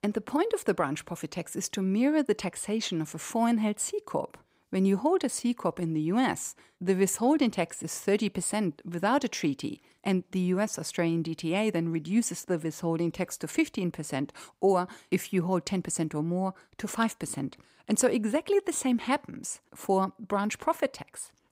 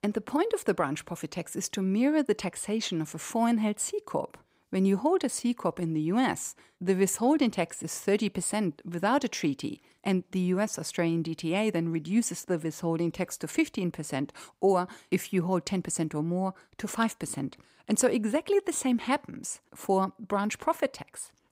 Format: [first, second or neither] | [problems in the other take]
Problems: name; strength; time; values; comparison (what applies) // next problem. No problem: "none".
neither | none